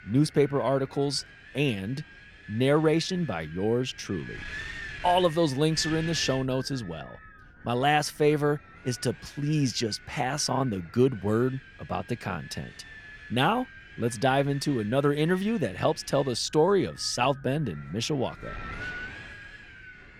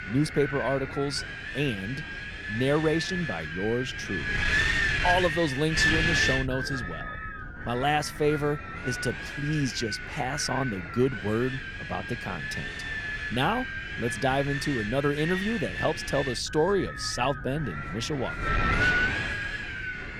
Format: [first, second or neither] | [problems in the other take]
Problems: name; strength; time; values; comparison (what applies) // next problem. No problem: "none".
first | wind noise on the microphone; heavy; 1 dB above the speech; occasional gusts in the first